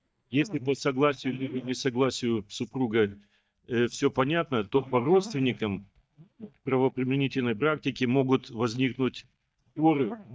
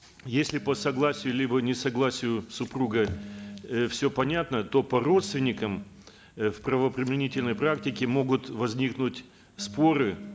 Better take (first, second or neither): second